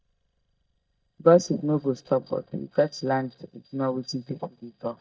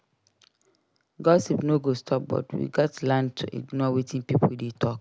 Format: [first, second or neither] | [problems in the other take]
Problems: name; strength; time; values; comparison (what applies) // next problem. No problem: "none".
second | noise reduction (neural mask model DeepFilterNet 3)